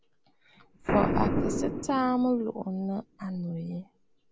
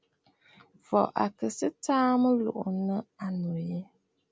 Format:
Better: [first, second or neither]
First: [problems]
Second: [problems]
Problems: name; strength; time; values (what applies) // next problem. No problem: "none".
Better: second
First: background sound (Boom); 2 dB below the speech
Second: none